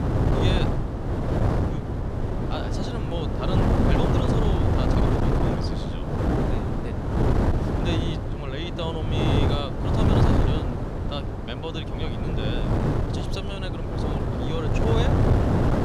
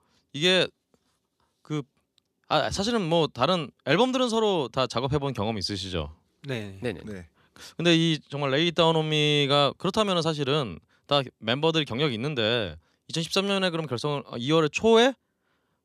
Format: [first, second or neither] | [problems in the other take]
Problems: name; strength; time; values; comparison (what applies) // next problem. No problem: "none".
second | wind noise on the microphone; heavy; 4 dB above the speech